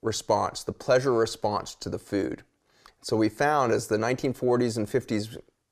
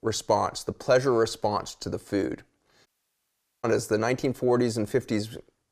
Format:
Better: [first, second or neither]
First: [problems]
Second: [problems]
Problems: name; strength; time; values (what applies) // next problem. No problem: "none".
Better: first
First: none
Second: audio cutting out; at 3 s for 1 s